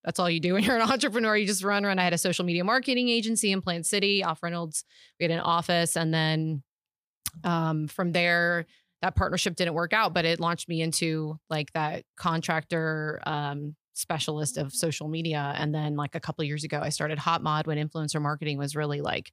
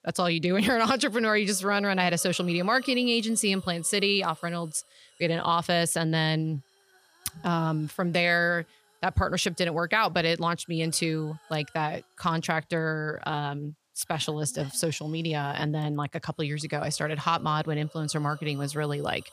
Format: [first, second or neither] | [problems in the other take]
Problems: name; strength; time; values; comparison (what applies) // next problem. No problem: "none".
first | hiss; faint; throughout; 25 dB below the speech